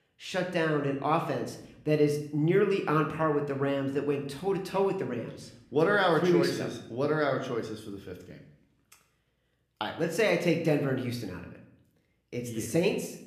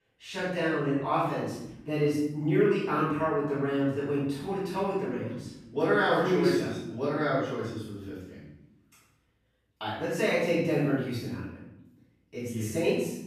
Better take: first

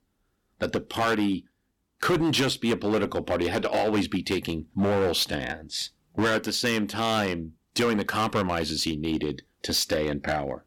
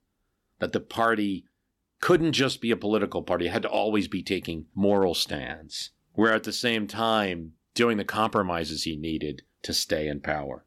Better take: second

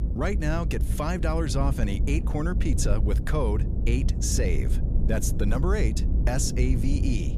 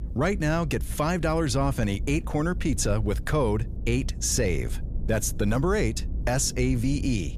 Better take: second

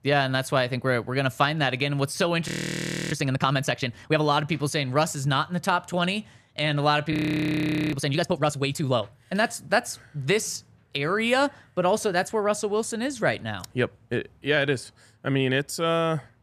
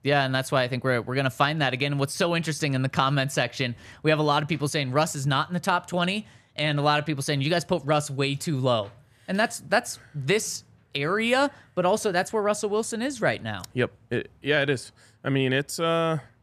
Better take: second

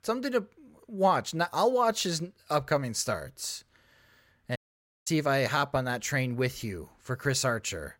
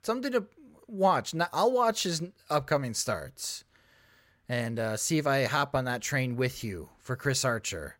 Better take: second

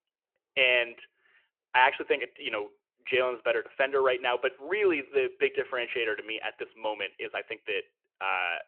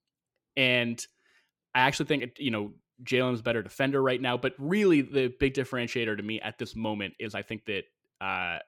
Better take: second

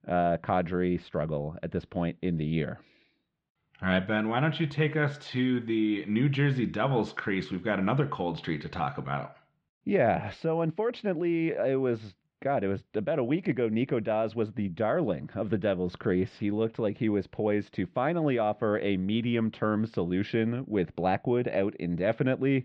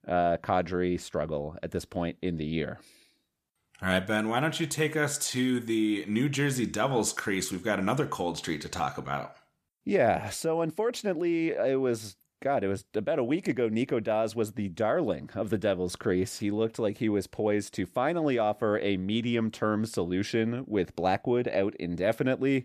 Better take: second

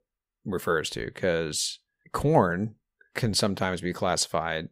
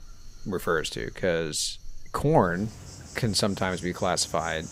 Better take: first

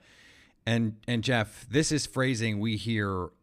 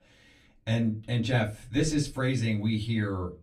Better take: first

